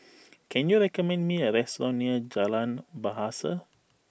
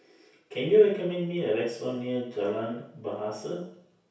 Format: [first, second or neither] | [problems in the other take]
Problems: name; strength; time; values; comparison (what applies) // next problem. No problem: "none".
first | room echo; dies away in 0.6 s